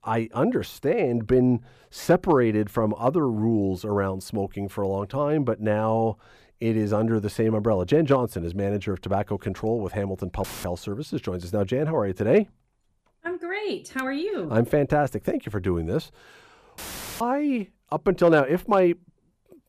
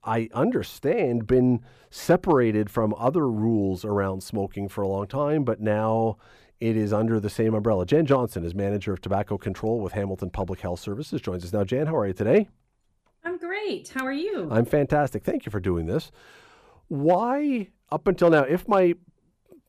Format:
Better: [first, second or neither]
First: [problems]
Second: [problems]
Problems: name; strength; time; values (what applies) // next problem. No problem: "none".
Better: second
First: audio cutting out; filled with static; at 10 s and at 17 s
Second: none